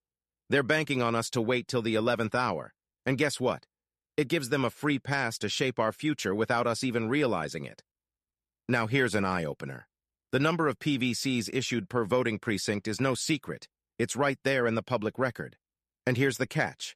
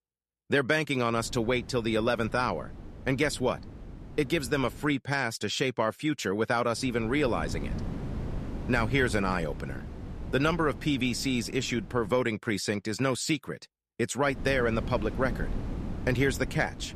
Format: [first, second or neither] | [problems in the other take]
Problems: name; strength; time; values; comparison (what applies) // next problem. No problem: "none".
first | wind noise on the microphone; occasional gusts; from 1 to 5 s, from 7 to 12 s and from 14 s on; 20 dB below the speech